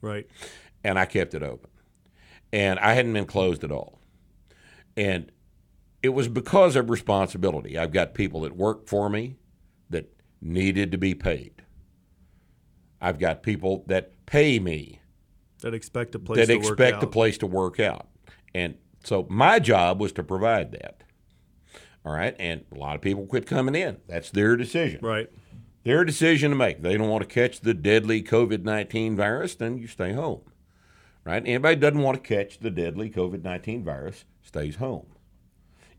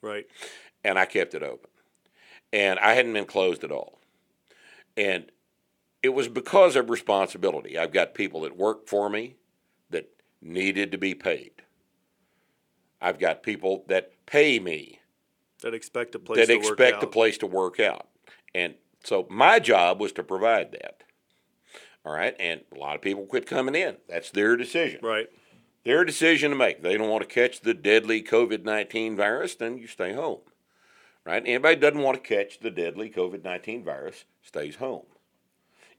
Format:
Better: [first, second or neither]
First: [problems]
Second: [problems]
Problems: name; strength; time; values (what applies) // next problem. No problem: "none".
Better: first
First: none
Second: thin; somewhat; fading below 400 Hz